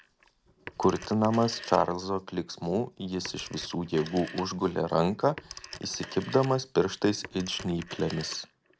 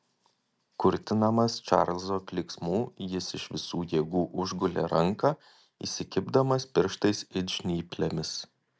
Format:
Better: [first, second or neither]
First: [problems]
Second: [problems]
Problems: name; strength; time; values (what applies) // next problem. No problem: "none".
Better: second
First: background sound (Telephone); 17 dB below the speech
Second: none